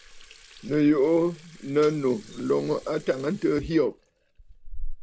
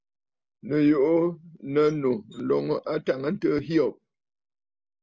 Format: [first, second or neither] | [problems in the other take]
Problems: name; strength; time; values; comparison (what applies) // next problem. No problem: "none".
second | background sound (Sink (filling or washing) / Water tap, faucet); 12 dB below the speech